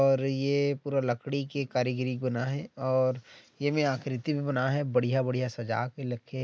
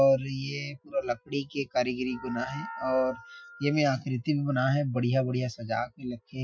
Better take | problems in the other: first | noise reduction (classical method Wiener filter)

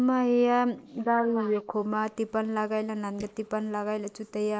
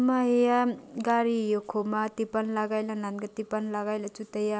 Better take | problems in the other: second | noise reduction (neural mask model Resemble Enhance denoiser)

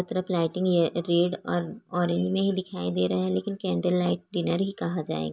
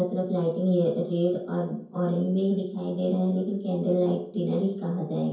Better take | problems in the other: first | room echo; dies away in 0.6 s

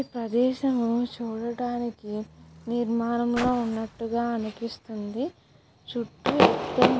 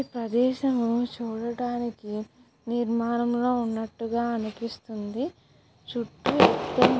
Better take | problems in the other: second | background sound (Car); 19 dB below the speech

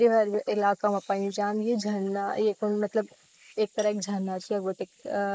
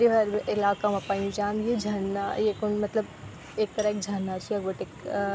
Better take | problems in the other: second | noise reduction (neural mask model Resemble Enhance denoiser)

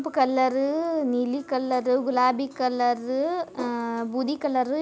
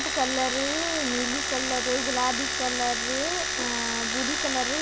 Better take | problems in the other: first | background sound (Domestic sounds, home sounds); 2 dB above the speech

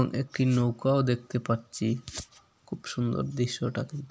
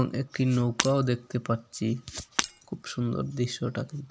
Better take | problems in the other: first | background sound (Shatter); 9 dB below the speech

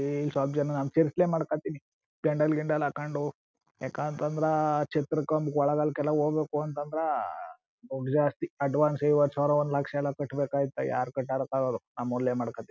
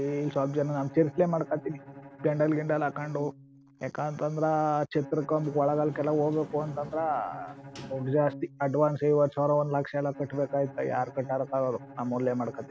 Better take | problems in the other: first | background sound (Bowed string instrument + Sliding door); 18 dB below the speech

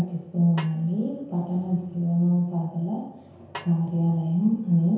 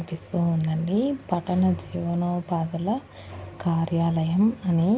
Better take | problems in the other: second | background sound (Snare drum); 20 dB below the speech // room echo; dies away in 0.9 s

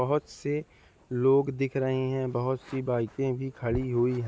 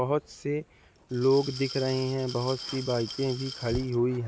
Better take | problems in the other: first | background sound (Glass); 13 dB below the speech

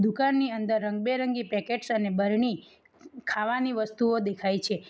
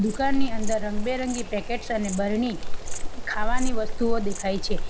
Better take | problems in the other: first | background sound (Insect); 4 dB above the speech

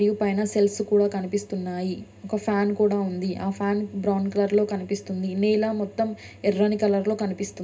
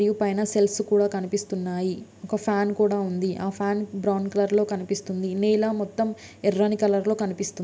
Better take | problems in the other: second | room echo; dies away in 0.2 s

